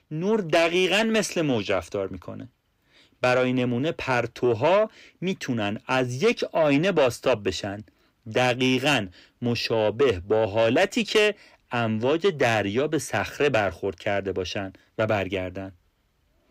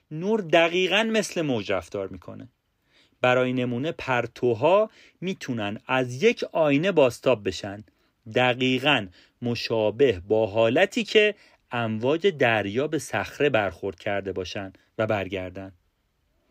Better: second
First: distortion; slight; 10 dB below the speech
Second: none

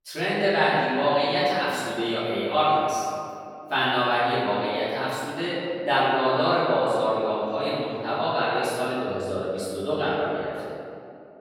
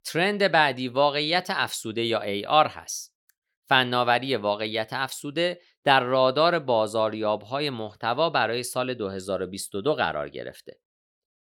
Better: second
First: room echo; strong; dies away in 2.3 s // off-mic speech; far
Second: none

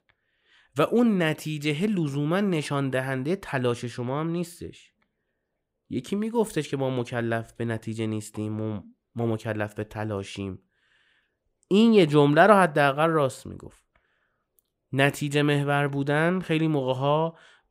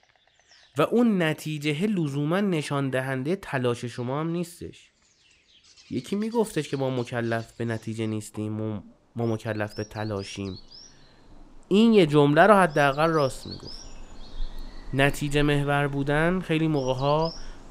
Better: first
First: none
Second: animal sounds; faint; throughout; 20 dB below the speech

